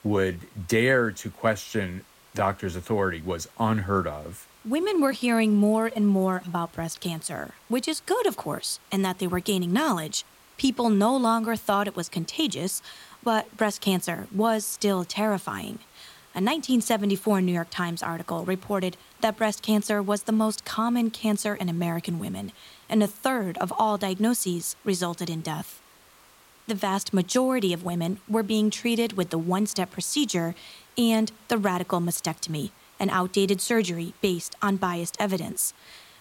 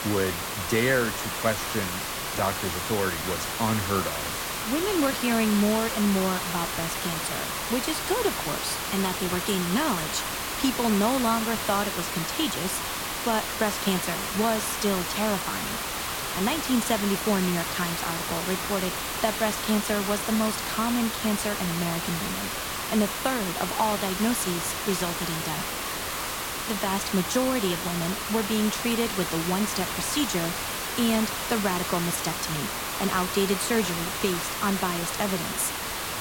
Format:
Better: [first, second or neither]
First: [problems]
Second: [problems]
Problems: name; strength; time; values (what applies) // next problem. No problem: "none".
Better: first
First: hiss; faint; throughout; 25 dB below the speech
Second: hiss; loud; throughout; 1 dB below the speech